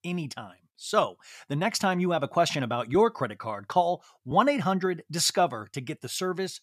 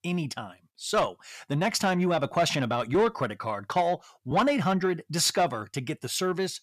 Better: first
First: none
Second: distortion; slight; 10 dB below the speech

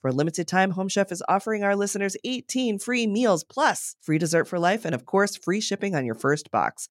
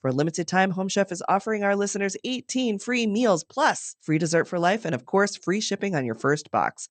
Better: first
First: none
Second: garbled, watery; slightly; nothing above 8.5 kHz

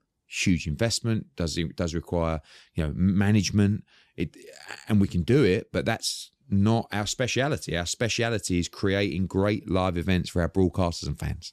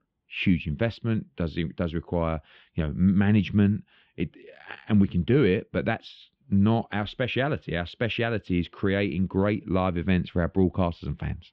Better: first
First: none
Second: muffled; very; fading above 3.5 kHz

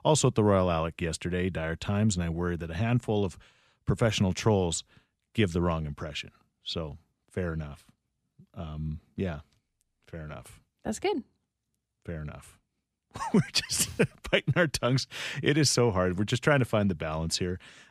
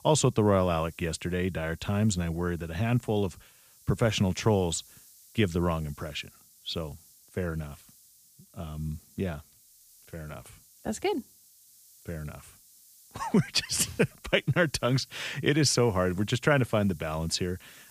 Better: first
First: none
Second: hiss; faint; throughout; 25 dB below the speech

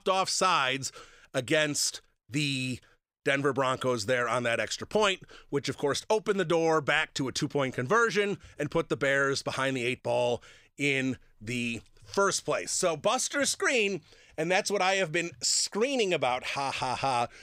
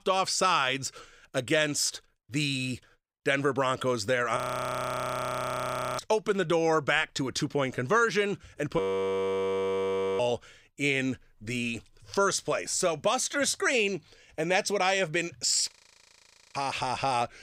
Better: first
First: none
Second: audio freezing; at 4.5 s for 1.5 s, at 9 s for 1.5 s and at 16 s for 1 s

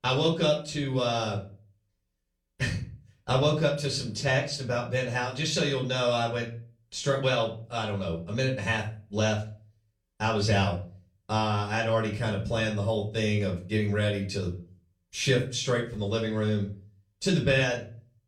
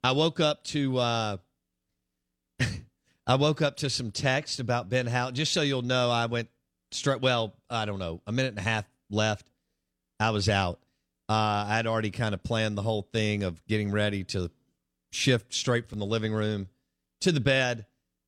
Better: second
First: off-mic speech; far // room echo; slight; dies away in 0.3 s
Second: none

